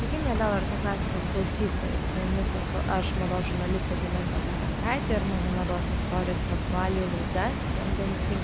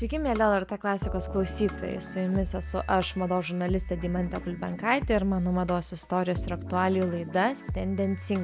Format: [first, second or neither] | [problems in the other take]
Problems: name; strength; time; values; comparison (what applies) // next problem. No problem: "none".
second | background sound (Water); 2 dB above the speech